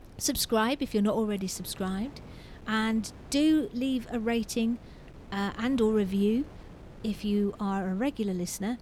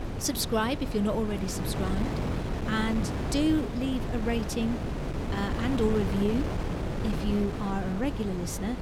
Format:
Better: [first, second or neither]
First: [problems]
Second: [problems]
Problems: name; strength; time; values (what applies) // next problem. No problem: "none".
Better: first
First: wind noise on the microphone; occasional gusts; 20 dB below the speech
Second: wind noise on the microphone; heavy; 5 dB below the speech